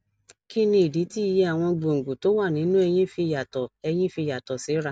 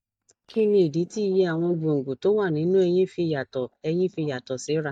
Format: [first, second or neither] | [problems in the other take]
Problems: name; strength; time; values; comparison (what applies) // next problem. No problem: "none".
first | noise reduction (neural mask model DeepFilterNet 3)